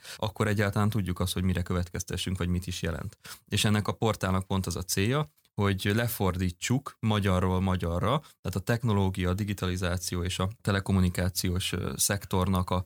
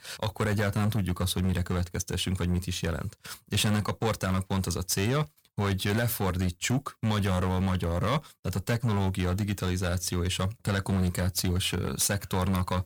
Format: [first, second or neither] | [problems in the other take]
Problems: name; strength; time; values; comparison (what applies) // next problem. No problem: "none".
first | distortion; slight; 10% of the sound clipped